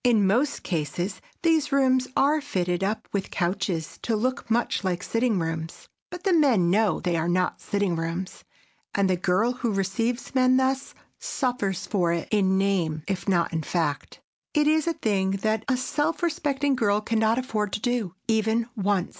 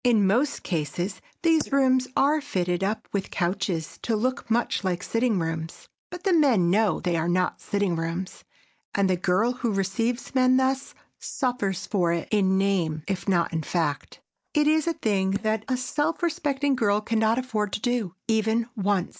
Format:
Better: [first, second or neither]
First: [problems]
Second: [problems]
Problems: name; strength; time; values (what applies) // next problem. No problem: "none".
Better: first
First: none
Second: noise reduction (neural mask model DeepFilterNet 3)